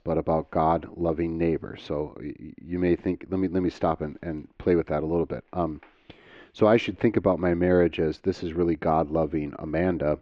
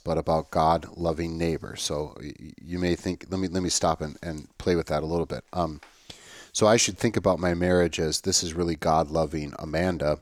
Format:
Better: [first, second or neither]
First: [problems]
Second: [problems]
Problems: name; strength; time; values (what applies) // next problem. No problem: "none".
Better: second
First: muffled; very; fading above 2.5 kHz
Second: none